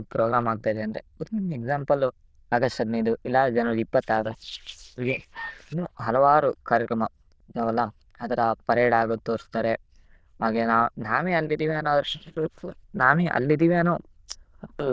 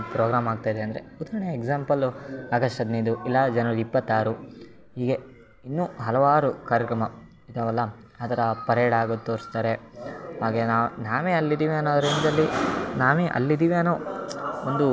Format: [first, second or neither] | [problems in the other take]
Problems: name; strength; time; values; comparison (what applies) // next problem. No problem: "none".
second | noise reduction (neural diffusion model UNIVERSE++)